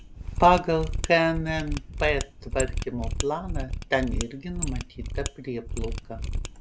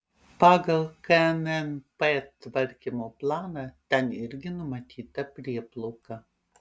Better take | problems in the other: second | background sound (Mechanisms); 4 dB below the speech

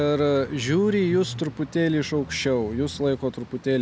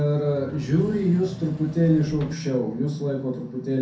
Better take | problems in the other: first | background sound (Engine / Mechanisms); 20 dB below the speech // room echo; dies away in 0.6 s

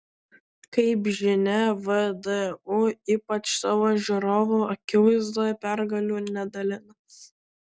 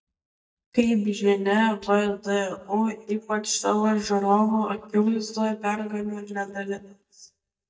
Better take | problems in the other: first | noise reduction (neural mask model DeepFilterNet 3)

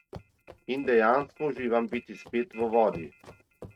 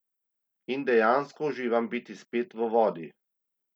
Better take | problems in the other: second | noise reduction (neural mask model RNNoise)

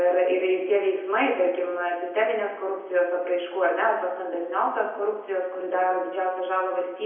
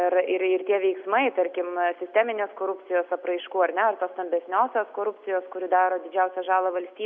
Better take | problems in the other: second | room echo; dies away in 0.9 s

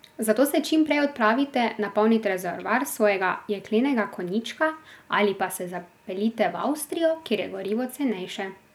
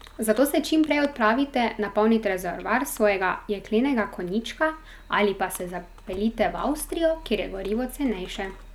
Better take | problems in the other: first | background sound (Fireworks); 20 dB below the speech

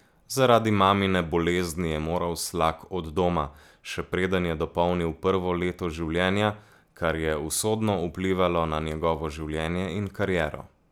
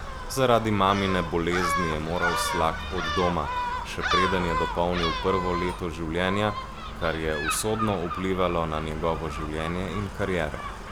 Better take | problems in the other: first | background sound (Gull, seagull); 3 dB below the speech

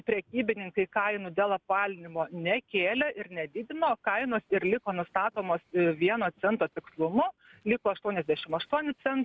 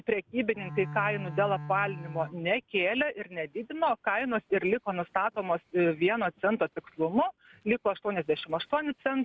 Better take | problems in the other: first | background sound (Bowed string instrument); 10 dB below the speech

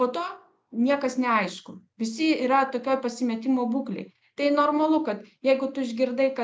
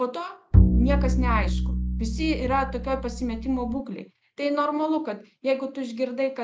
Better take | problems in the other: first | background sound (Bowed string instrument); 5 dB above the speech

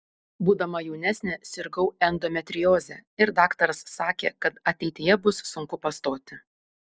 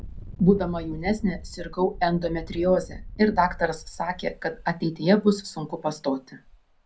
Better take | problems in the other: first | background sound (Engine); 15 dB below the speech // room echo; dies away in 0.2 s

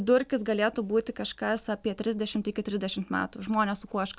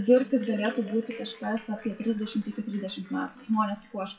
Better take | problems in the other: first | noise reduction (classical method WPE with log-MMSE)

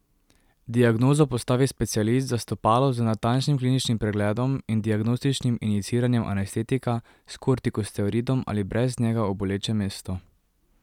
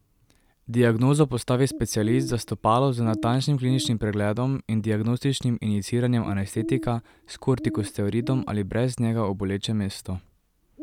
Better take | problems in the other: first | background sound (Bird); 15 dB below the speech

